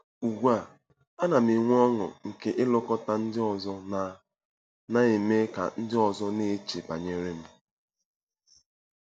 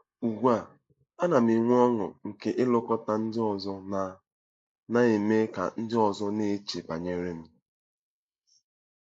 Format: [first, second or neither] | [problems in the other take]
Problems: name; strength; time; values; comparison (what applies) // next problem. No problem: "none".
first | noise reduction (neural mask model Resemble Enhance denoiser)